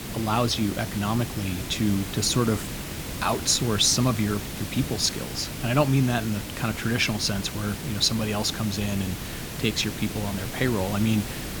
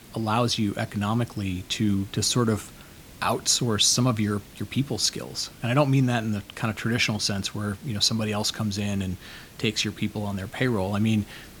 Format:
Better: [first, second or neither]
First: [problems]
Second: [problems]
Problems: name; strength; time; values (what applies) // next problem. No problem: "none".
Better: second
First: hiss; loud; throughout; 8 dB below the speech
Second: hiss; faint; throughout; 20 dB below the speech